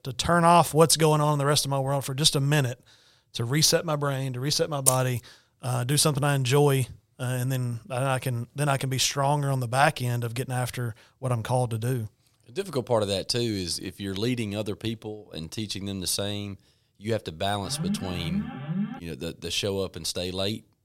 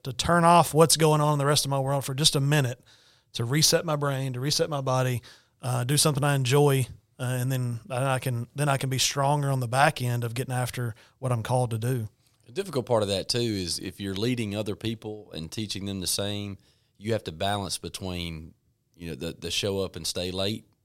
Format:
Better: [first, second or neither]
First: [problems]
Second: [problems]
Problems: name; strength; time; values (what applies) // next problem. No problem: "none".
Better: second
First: jangling keys; loud; at 5 s; peak 2 dB above the speech // alarm; noticeable; from 18 to 19 s; peak 5 dB below the speech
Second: none